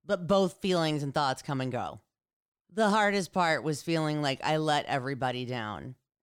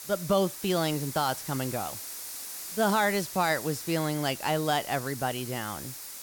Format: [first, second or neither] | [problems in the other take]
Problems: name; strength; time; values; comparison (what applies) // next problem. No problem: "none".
first | hiss; loud; throughout; 9 dB below the speech